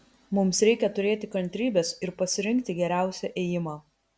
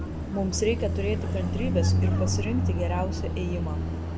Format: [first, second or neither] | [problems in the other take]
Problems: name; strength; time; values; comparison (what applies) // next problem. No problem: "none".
first | background sound (Car passing by); 4 dB above the speech